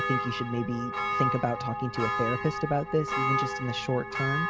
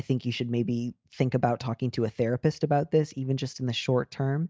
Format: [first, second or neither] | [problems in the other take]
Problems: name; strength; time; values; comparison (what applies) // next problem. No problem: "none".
second | background sound (Church bell); 1 dB below the speech